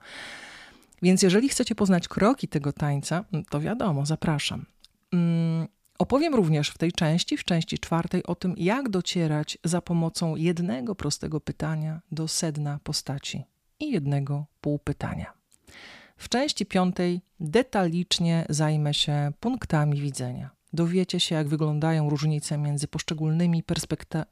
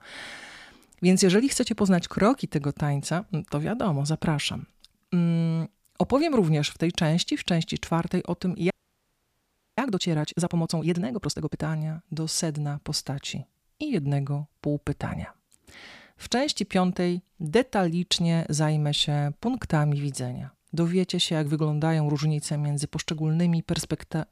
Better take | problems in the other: first | audio freezing; at 8.5 s for 1 s

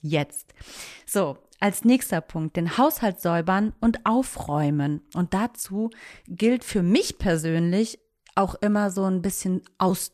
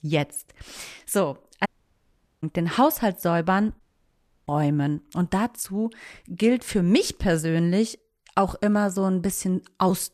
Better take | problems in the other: first | audio cutting out; at 1.5 s for 1 s and at 4 s for 0.5 s

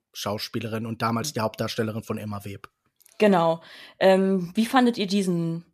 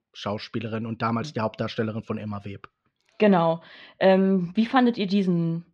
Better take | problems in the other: first | muffled; very slightly; fading above 4 kHz

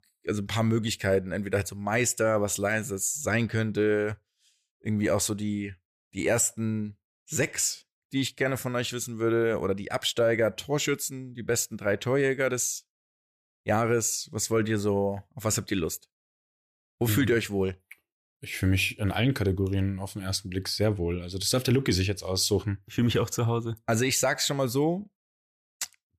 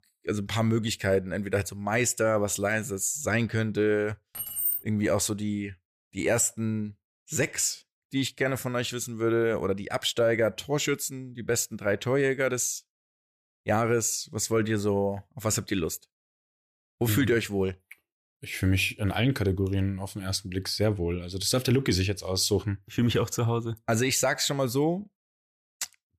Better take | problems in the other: first | jangling keys; loud; at 4.5 s; peak 1 dB above the speech

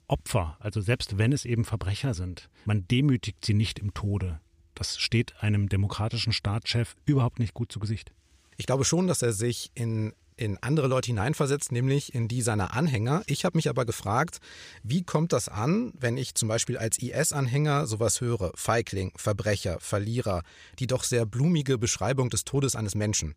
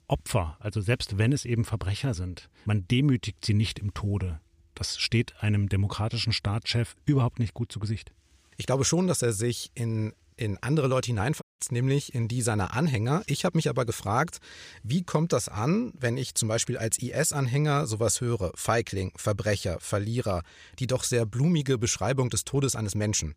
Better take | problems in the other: first | audio cutting out; at 11 s

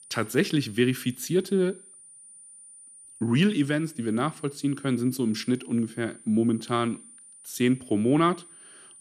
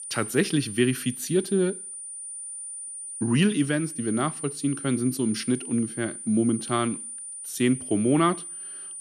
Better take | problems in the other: first | high-pitched whine; loud; throughout; 9.5 kHz, 9 dB below the speech; faint in the first

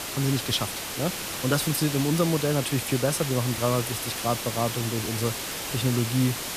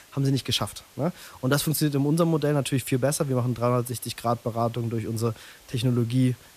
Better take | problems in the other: second | hiss; loud; throughout; 4 dB below the speech; faint in the second

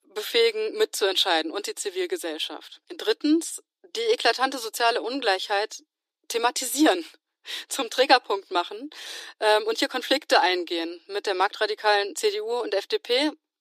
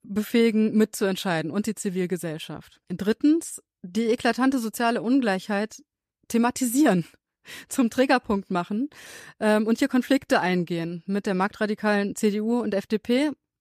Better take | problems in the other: second | thin; very; fading below 300 Hz

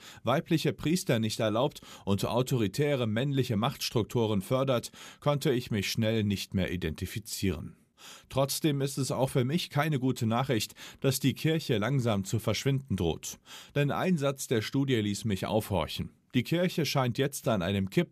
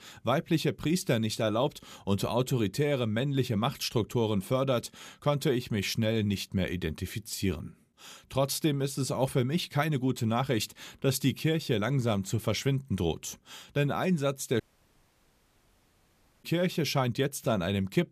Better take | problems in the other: first | audio cutting out; at 15 s for 2 s

